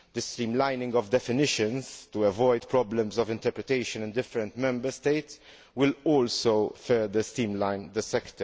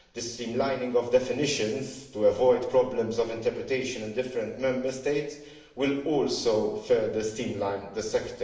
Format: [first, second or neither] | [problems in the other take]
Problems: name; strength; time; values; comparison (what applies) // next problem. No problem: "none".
first | room echo; dies away in 0.9 s